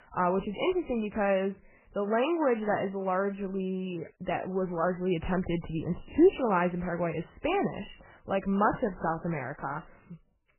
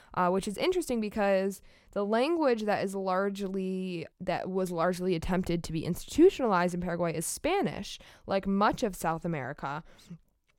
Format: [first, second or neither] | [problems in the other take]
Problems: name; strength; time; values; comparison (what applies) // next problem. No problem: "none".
second | garbled, watery; badly; nothing above 3 kHz